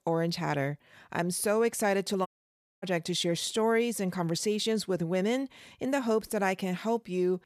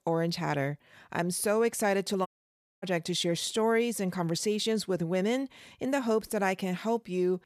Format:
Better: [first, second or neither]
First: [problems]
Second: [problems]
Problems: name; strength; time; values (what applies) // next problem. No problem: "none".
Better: neither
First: audio cutting out; at 2.5 s for 0.5 s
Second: audio cutting out; at 2.5 s for 0.5 s